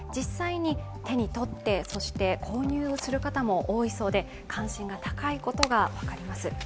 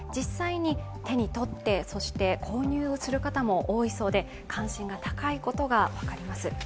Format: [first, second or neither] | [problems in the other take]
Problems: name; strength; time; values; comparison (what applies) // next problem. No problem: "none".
second | background sound (Packing tape, duct tape); 14 dB below the speech